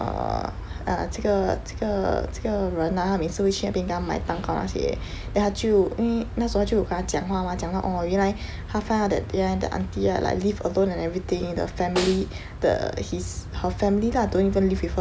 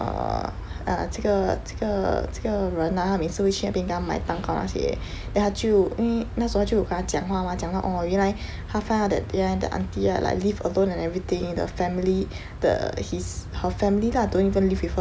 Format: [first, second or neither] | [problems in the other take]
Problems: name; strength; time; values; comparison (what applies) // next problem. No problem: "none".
second | background sound (Snare drum); 9 dB below the speech